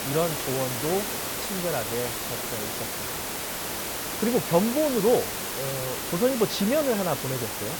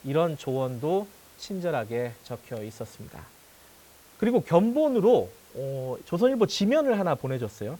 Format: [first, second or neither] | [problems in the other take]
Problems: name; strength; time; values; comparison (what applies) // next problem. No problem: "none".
second | hiss; loud; throughout; 2 dB below the speech; faint in the second